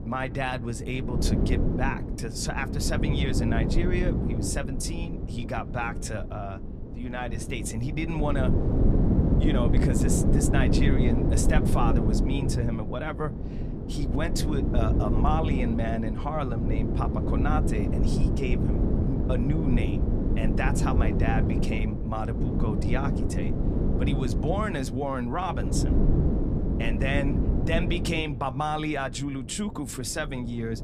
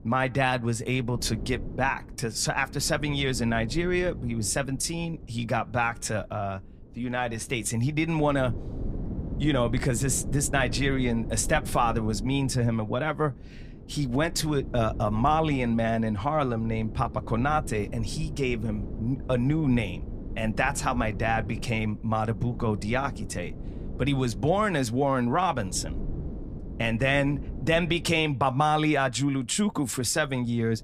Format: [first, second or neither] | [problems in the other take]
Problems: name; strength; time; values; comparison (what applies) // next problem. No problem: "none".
second | wind noise on the microphone; heavy; 3 dB below the speech; occasional gusts in the second